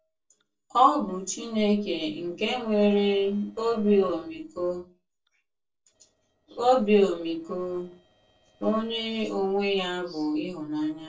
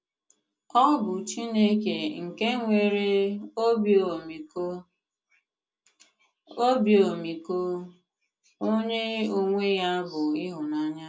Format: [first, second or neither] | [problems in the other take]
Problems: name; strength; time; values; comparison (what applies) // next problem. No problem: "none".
second | noise reduction (neural separator model SepFormer DNS4)